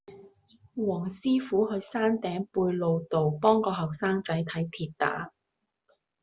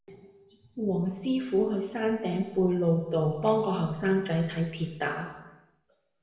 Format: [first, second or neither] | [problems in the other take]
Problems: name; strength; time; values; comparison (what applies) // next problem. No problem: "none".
first | room echo; dies away in 0.9 s